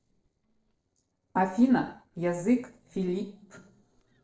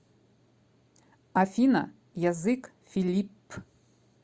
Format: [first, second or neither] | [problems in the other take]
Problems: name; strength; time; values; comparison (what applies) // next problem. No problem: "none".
second | noise reduction (neural separator model SepFormer DNS4)